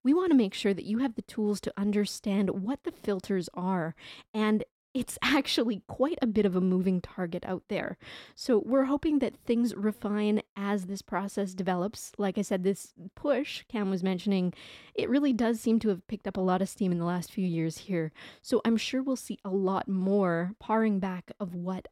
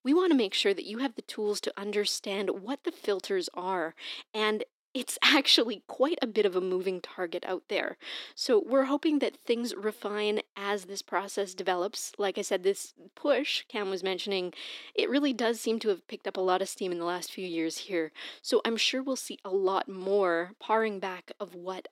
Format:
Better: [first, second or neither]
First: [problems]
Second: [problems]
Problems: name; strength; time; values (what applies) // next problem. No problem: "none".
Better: first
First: none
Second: thin; somewhat; fading below 300 Hz